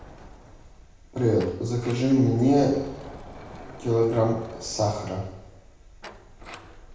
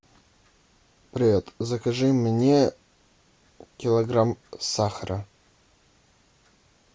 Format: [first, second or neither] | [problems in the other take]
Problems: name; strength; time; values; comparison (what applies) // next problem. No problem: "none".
second | background sound (Sliding door); 18 dB below the speech // room echo; dies away in 0.8 s